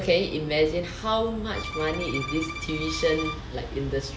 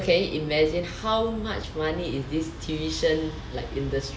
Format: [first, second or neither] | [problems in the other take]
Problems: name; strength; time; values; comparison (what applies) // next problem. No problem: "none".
second | background sound (Bowed string instrument); 10 dB below the speech